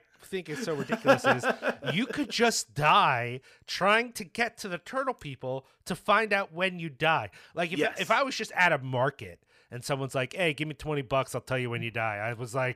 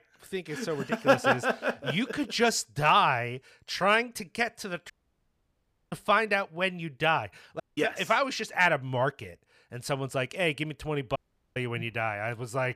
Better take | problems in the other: first | audio cutting out; at 5 s for 1 s, at 7.5 s and at 11 s

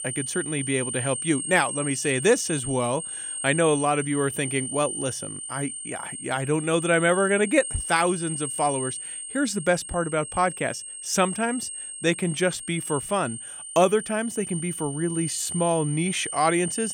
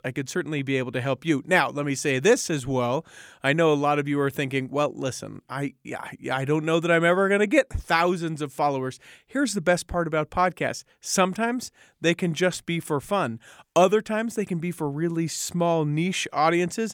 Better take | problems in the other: second | high-pitched whine; loud; throughout; 9 kHz, 6 dB below the speech

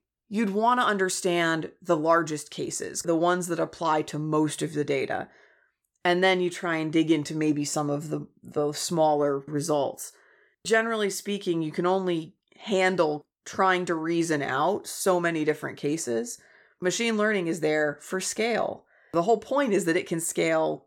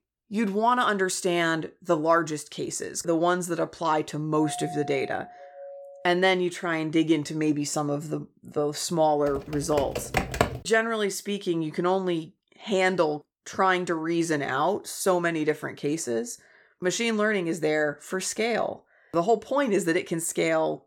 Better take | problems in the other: first | doorbell; noticeable; from 4.5 to 6.5 s; peak 10 dB below the speech // keyboard typing; loud; from 9.5 to 11 s; peak level with the speech

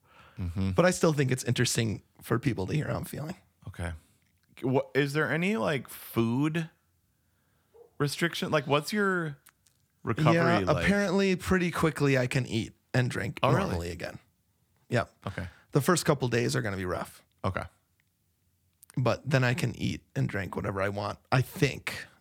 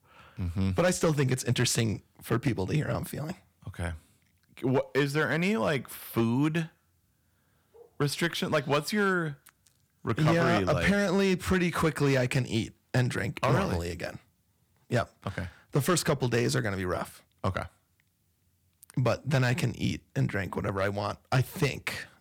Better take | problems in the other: first | distortion; slight; 3% of the sound clipped

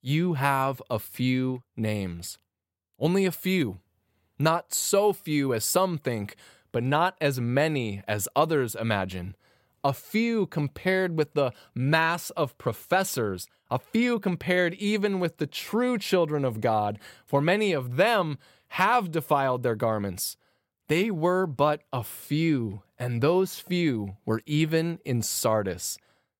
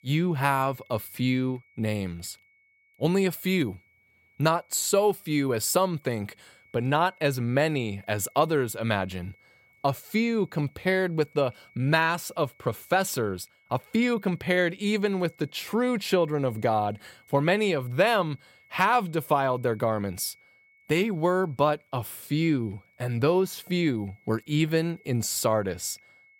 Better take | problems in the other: first | high-pitched whine; faint; throughout; 2 kHz, 30 dB below the speech

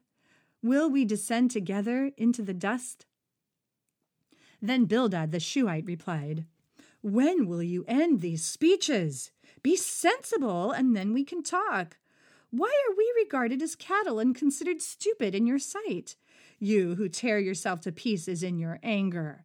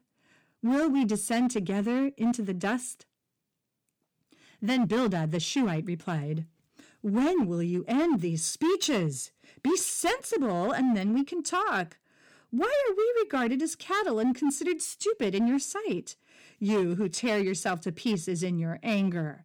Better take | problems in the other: first | distortion; slight; 10% of the sound clipped

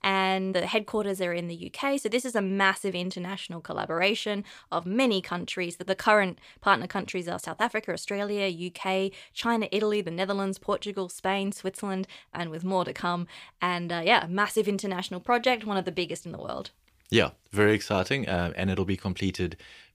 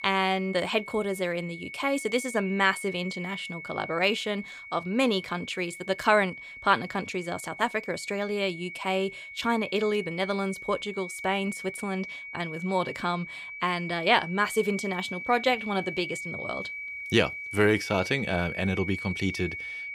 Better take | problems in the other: first | high-pitched whine; loud; throughout; 2.5 kHz, 9 dB below the speech

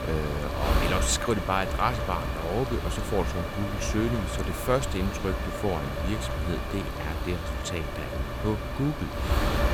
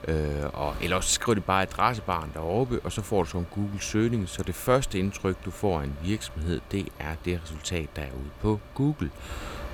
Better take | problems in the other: second | wind noise on the microphone; heavy; 2 dB below the speech; occasional gusts in the second

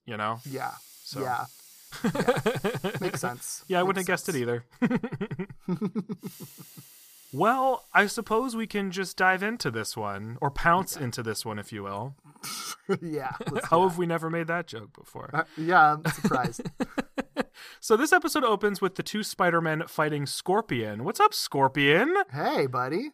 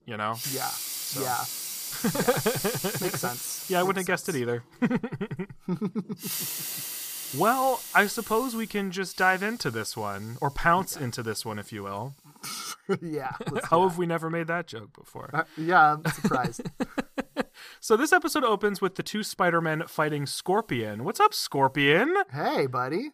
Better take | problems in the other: first | household noises; loud; throughout; 6 dB below the speech; faint in the first

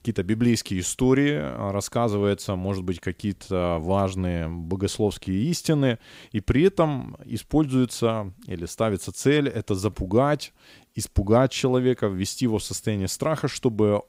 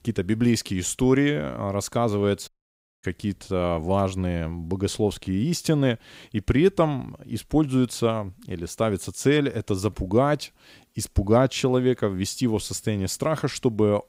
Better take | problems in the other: first | audio cutting out; at 2.5 s for 0.5 s

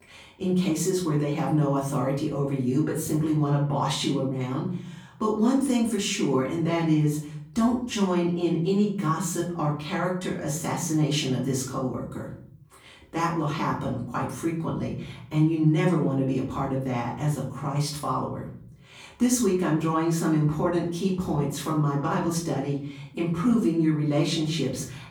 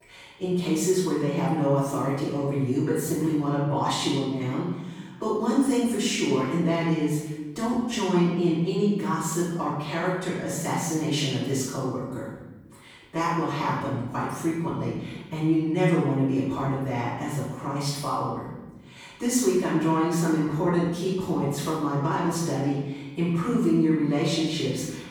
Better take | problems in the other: first | room echo; strong; dies away in 1 s; slight in the first // off-mic speech; far; far in the first

